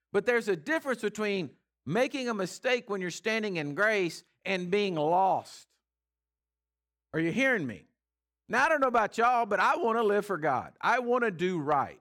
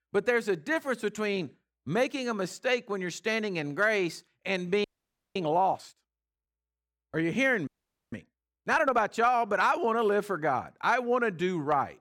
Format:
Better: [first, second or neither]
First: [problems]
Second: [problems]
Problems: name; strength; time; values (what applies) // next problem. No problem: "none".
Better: first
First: none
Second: audio freezing; at 5 s for 0.5 s and at 7.5 s